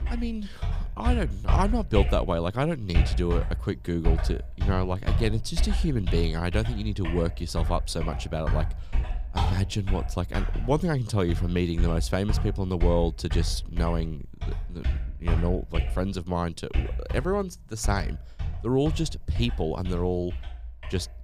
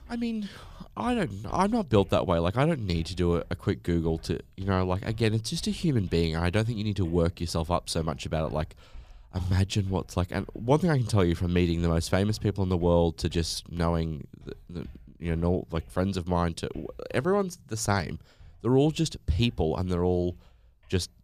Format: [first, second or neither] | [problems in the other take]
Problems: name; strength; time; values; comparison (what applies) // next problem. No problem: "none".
second | household noises; loud; throughout; 3 dB below the speech; faint in the second